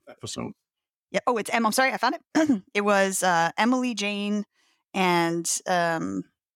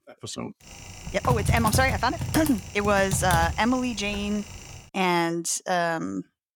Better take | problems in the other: first | keyboard typing; loud; from 1 to 4.5 s; peak level with the speech

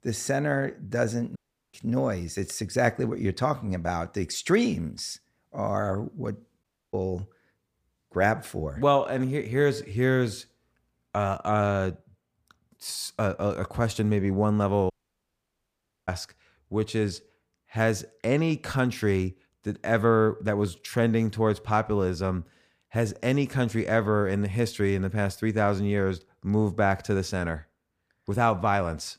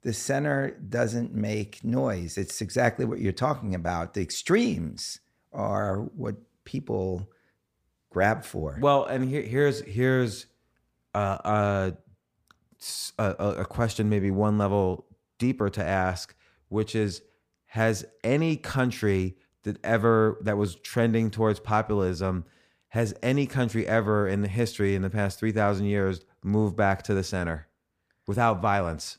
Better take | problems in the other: second | audio cutting out; at 1.5 s, at 6.5 s and at 15 s for 1 s

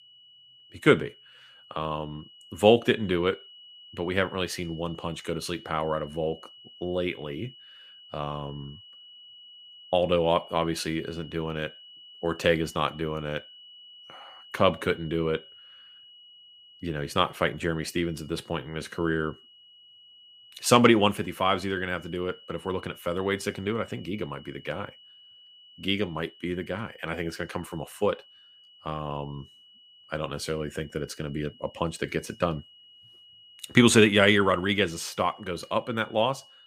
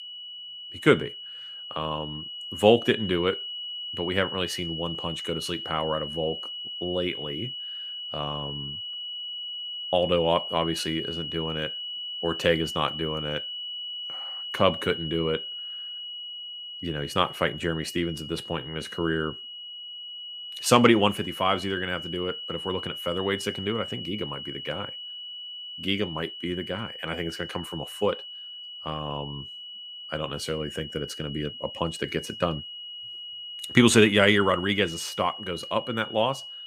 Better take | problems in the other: first | high-pitched whine; loud; throughout; 3 kHz, 7 dB below the speech; faint in the first

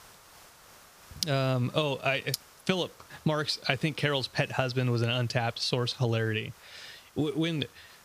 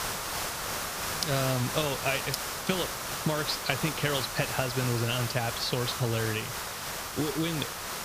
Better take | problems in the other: first | hiss; loud; throughout; 2 dB below the speech; faint in the first

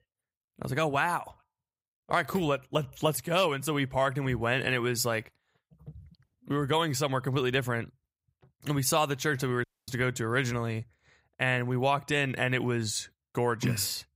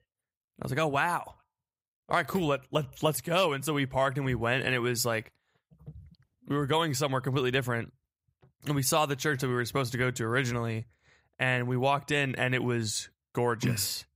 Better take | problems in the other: second | audio cutting out; at 9.5 s

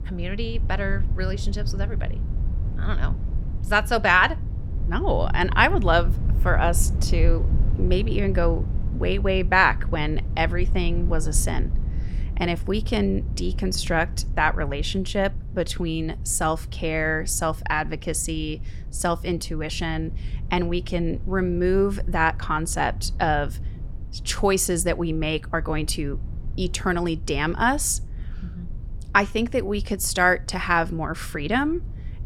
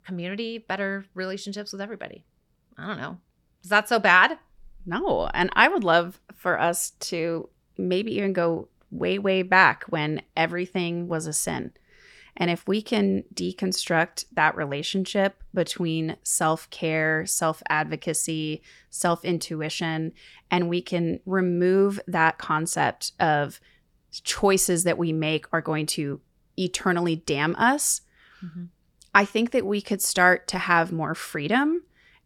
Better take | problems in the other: second | low rumble; faint; throughout; 20 dB below the speech

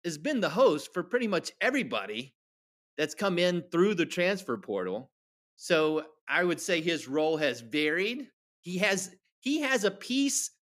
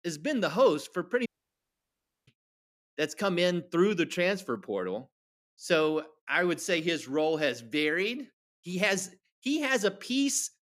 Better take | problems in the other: first | audio cutting out; at 1.5 s for 1 s

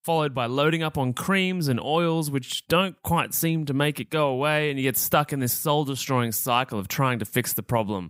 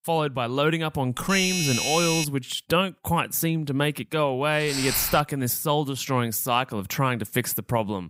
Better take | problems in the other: first | doorbell; loud; from 1 to 2.5 s; peak 1 dB above the speech // footsteps; noticeable; at 4.5 s; peak 2 dB below the speech

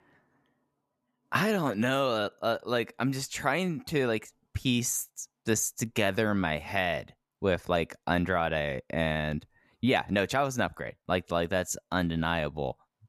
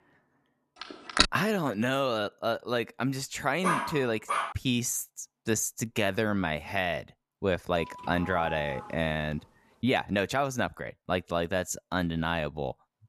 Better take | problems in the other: first | phone ringing; loud; at 1 s; peak 5 dB above the speech // dog barking; loud; at 3.5 s; peak 1 dB above the speech // doorbell; noticeable; from 8 to 9.5 s; peak 7 dB below the speech

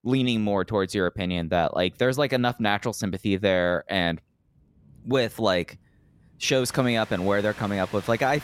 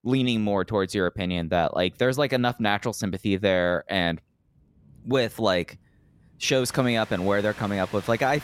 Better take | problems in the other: neither | rain or running water; faint; throughout; 25 dB below the speech; the same in both

